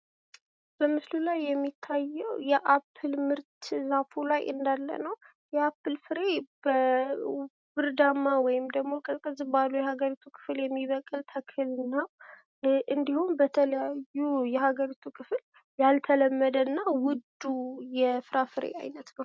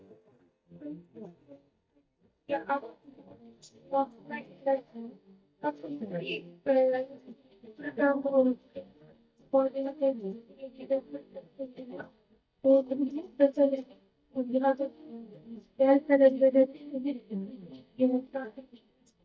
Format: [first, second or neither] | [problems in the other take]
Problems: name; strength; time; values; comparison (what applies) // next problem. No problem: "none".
first | noise reduction (neural mask model DeepFilterNet 3)